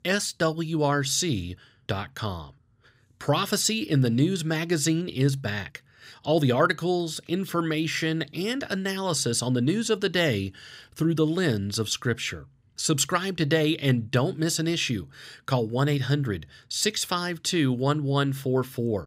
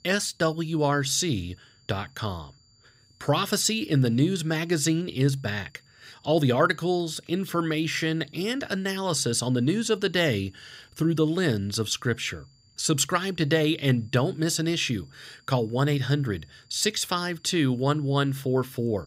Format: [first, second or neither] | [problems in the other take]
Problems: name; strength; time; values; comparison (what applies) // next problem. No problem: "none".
first | high-pitched whine; faint; throughout; 4.5 kHz, 35 dB below the speech